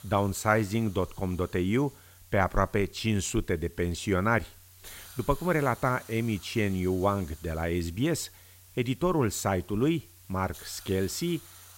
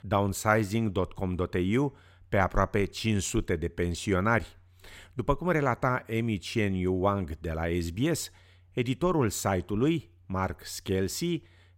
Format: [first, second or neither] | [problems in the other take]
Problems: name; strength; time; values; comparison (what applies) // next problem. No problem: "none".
second | hiss; faint; throughout; 20 dB below the speech